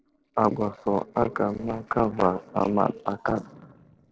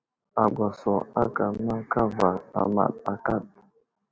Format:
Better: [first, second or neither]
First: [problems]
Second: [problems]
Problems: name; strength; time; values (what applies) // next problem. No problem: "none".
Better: second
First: noise reduction (neural separator model SepFormer DNS4)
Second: none